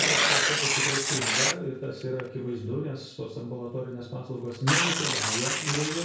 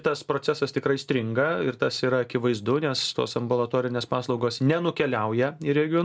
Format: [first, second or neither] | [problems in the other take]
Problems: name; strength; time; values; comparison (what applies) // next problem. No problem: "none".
second | background sound (Tearing); 4 dB above the speech // room echo; dies away in 0.6 s